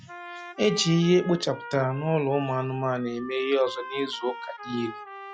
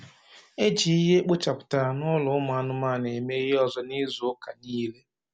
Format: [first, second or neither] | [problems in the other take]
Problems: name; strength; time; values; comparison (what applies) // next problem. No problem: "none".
second | noise reduction (classical method log-MMSE)